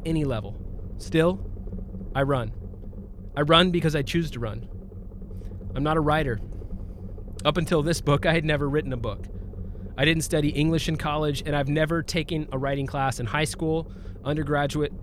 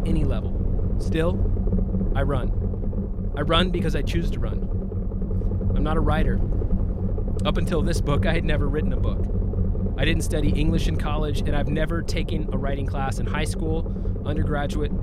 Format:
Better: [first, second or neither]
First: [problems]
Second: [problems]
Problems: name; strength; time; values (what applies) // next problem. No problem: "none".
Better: first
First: low rumble; faint; throughout; 25 dB below the speech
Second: low rumble; loud; throughout; 7 dB below the speech